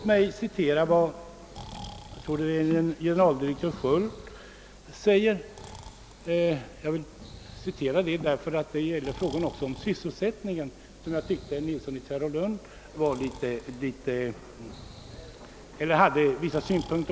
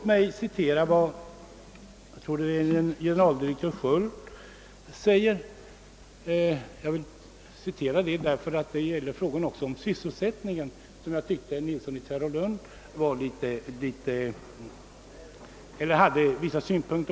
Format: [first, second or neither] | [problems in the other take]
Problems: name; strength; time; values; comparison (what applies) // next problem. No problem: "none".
second | background sound (Breathing); 19 dB below the speech